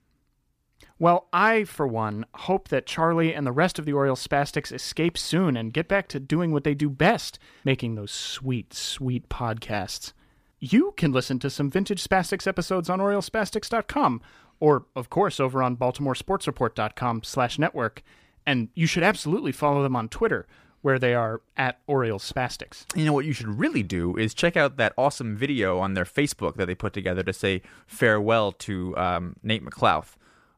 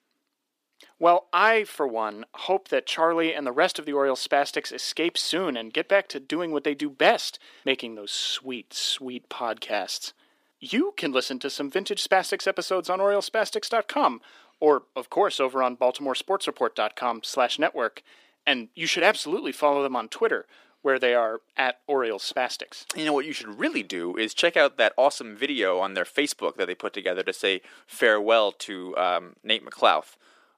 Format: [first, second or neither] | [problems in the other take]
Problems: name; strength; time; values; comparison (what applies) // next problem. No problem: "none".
first | thin; somewhat; fading below 300 Hz